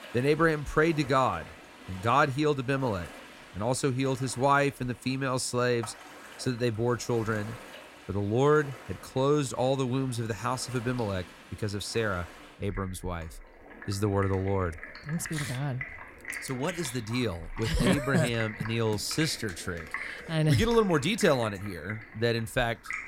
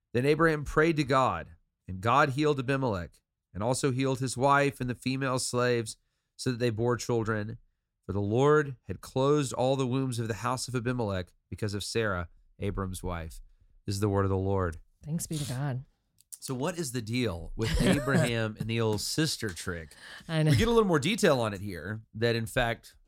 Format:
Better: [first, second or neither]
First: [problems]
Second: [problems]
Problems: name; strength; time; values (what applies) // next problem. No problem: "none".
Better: second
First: rain or running water; noticeable; throughout; 15 dB below the speech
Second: none